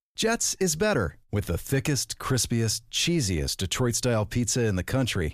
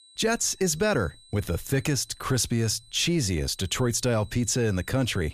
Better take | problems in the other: first | high-pitched whine; faint; throughout; 4 kHz, 25 dB below the speech

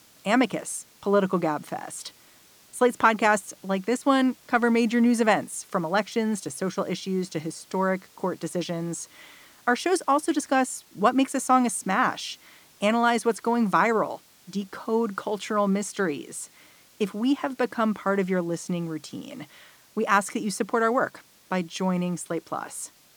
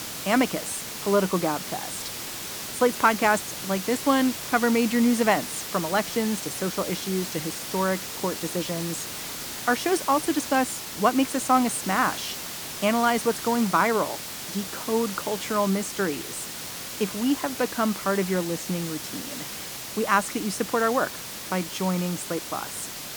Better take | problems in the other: first | hiss; loud; throughout; 7 dB below the speech; faint in the first

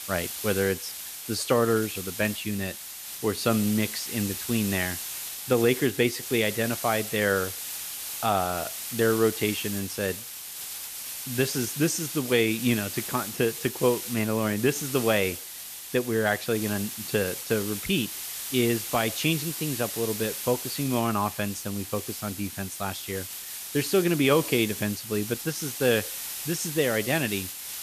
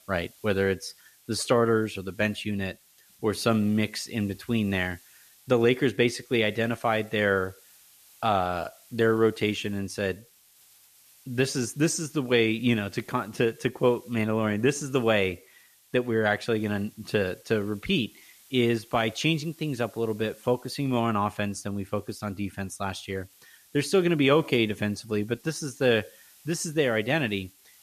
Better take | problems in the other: second | hiss; loud; throughout; 6 dB below the speech; faint in the second

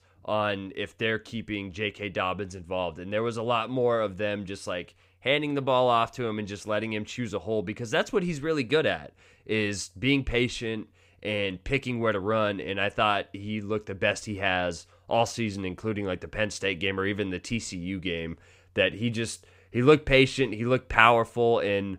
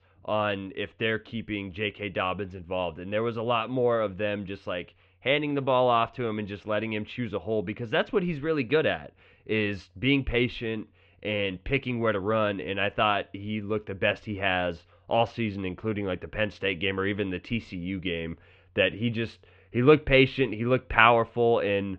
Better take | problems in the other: first | muffled; slightly; fading above 3 kHz

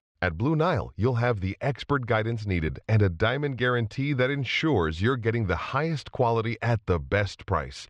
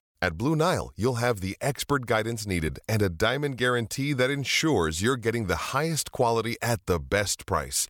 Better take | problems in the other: second | muffled; slightly; fading above 3.5 kHz

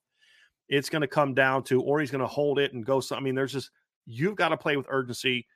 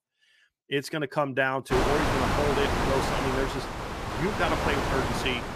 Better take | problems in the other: first | wind noise on the microphone; heavy; from 1.5 s on; 1 dB above the speech

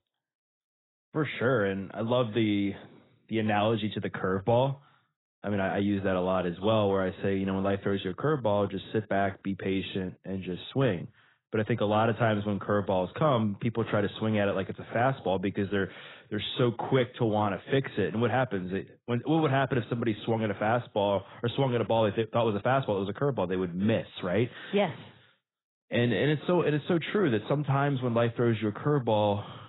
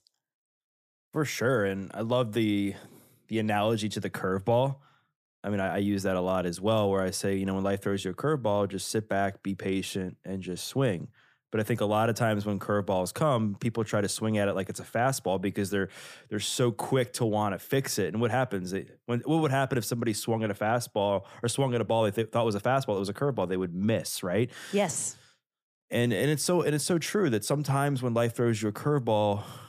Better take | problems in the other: second | garbled, watery; badly; nothing above 4 kHz

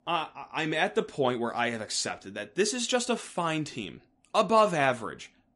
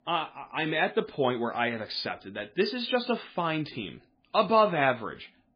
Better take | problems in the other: first | garbled, watery; badly; nothing above 4.5 kHz; slightly in the first

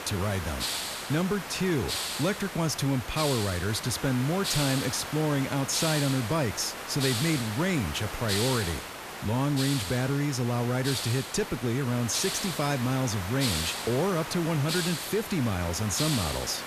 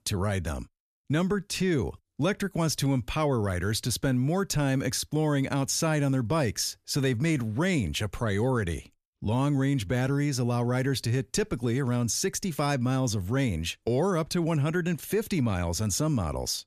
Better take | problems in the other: second | hiss; loud; throughout; 4 dB below the speech

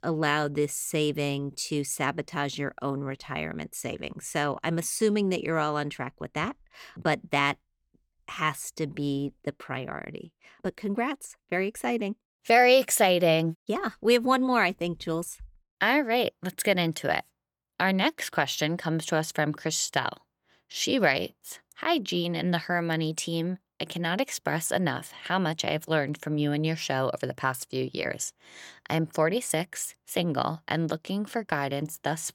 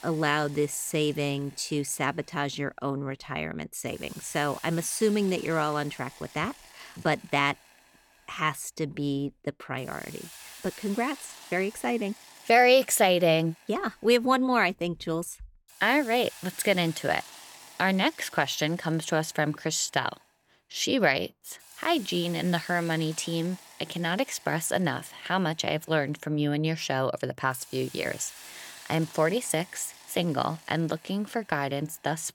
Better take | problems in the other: first | hiss; noticeable; throughout; 20 dB below the speech

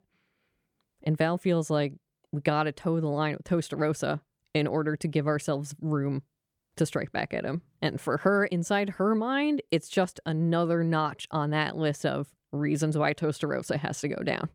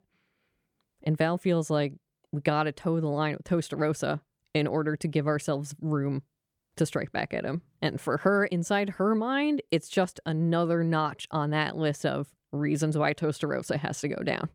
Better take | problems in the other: neither | none

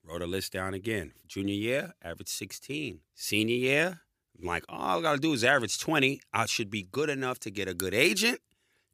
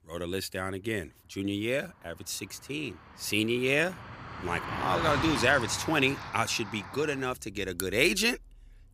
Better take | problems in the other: first | traffic noise; loud; throughout; 7 dB below the speech

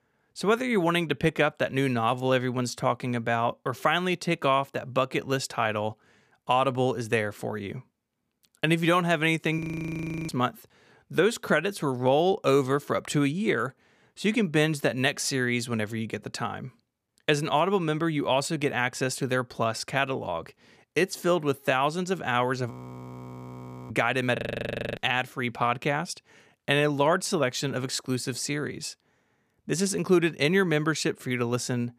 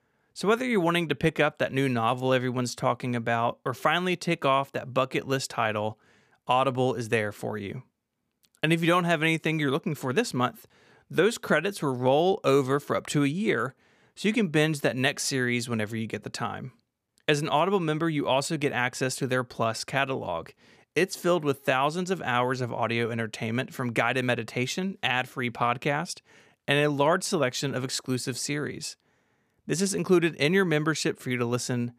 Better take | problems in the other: second | audio freezing; at 9.5 s for 0.5 s, at 23 s for 1 s and at 24 s for 0.5 s

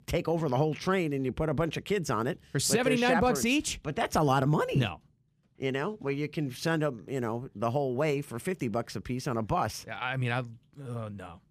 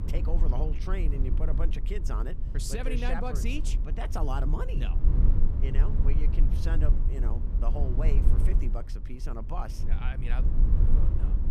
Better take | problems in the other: first | low rumble; loud; throughout; 6 dB below the speech

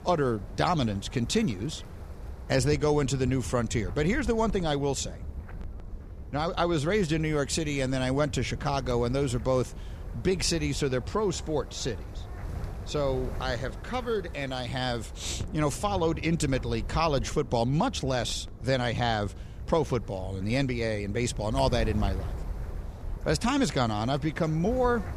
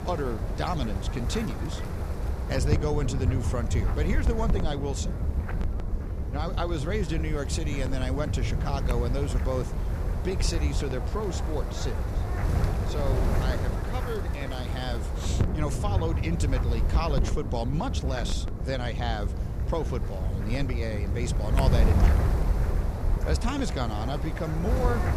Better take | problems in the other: first | wind noise on the microphone; heavy; 4 dB below the speech; occasional gusts in the first

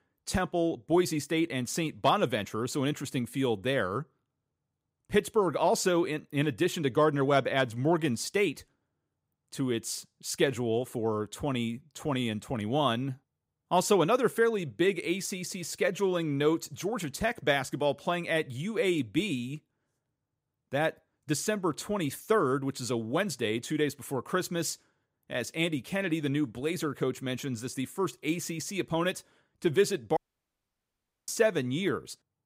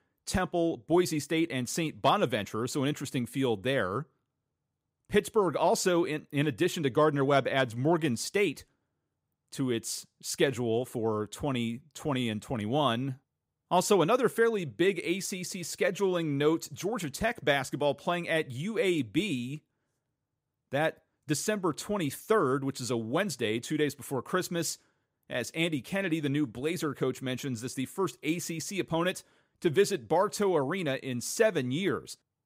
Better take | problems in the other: second | audio cutting out; at 30 s for 1 s

